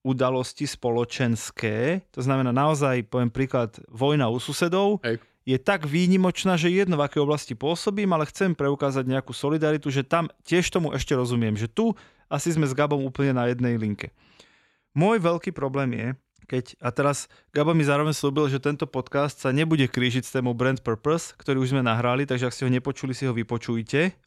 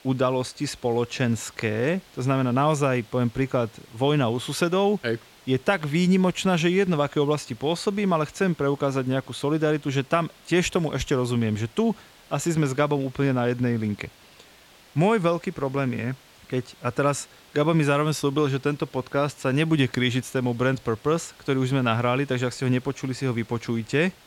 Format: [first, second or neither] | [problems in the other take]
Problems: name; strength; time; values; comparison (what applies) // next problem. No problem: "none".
first | hiss; faint; throughout; 25 dB below the speech